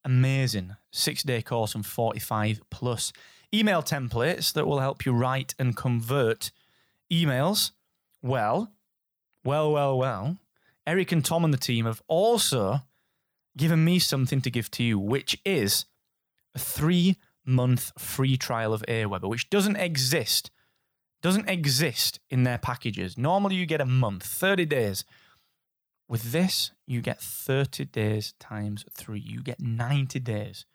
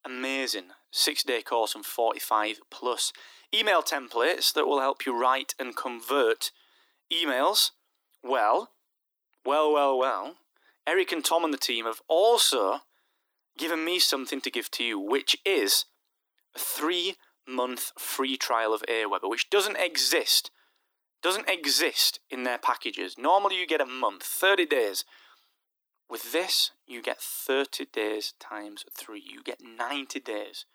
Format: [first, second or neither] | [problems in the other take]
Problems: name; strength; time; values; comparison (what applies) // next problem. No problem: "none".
first | thin; very; fading below 300 Hz